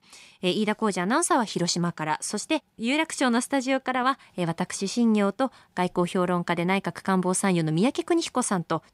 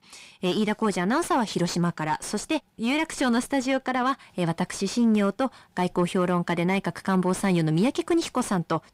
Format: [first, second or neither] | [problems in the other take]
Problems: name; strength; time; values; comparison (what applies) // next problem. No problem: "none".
first | distortion; slight; 10 dB below the speech